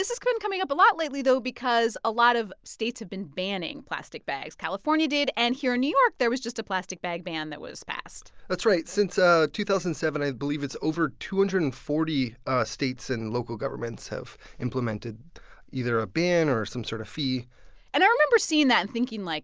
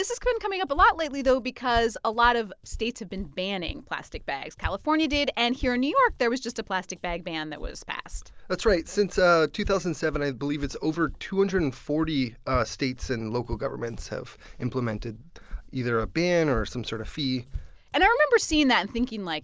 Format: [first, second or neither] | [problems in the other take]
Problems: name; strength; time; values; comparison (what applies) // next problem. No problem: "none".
first | background sound (Walk, footsteps); 13 dB below the speech